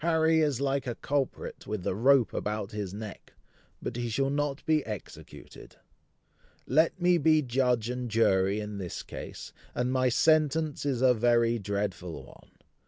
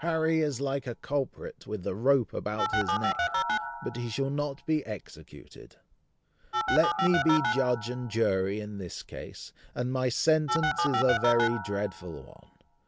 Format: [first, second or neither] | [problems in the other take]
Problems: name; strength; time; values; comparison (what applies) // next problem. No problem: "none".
first | background sound (Telephone); 4 dB below the speech